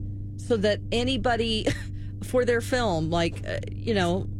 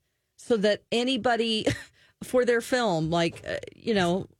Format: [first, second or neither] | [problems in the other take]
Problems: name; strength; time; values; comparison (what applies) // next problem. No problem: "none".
second | low rumble; faint; throughout; 20 dB below the speech